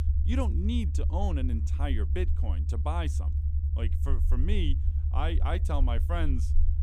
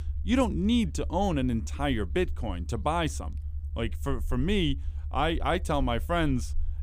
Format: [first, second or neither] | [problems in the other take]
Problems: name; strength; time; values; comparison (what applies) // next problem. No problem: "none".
second | low rumble; loud; throughout; 9 dB below the speech; faint in the second